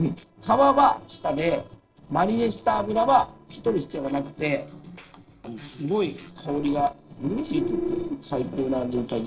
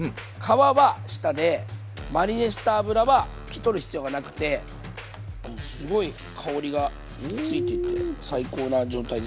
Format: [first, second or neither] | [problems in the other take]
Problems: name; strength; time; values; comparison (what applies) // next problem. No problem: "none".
second | noise reduction (neural separator model SepFormer DNS4)